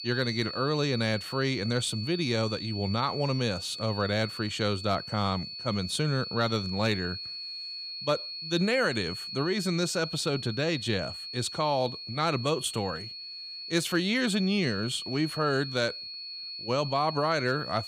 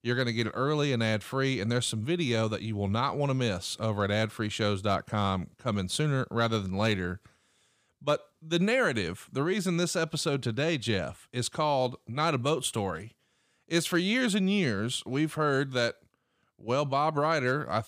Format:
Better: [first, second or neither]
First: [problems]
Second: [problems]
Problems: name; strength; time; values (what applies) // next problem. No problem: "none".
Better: second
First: high-pitched whine; loud; throughout; 4.5 kHz, 7 dB below the speech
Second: none